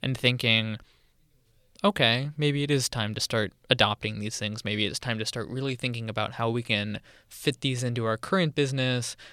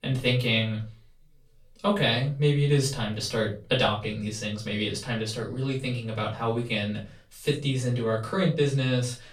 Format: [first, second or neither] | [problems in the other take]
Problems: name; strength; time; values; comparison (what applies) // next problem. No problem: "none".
first | off-mic speech; far // room echo; slight; dies away in 0.3 s